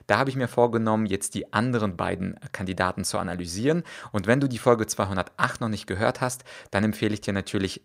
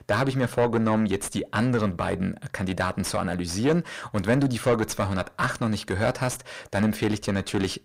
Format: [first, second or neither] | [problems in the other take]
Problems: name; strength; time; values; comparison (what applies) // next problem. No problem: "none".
first | distortion; heavy; 6 dB below the speech